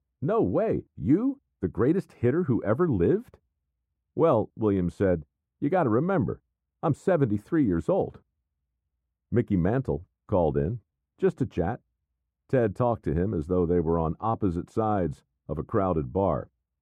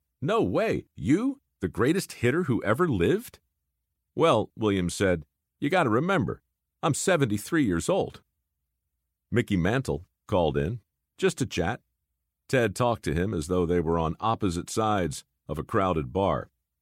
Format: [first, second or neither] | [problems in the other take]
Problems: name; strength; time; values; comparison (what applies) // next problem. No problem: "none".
second | muffled; very; fading above 2 kHz